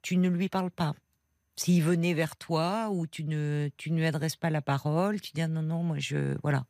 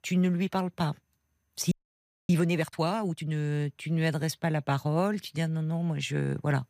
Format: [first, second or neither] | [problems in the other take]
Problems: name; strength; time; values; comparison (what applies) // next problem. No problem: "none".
first | audio freezing; at 1.5 s for 0.5 s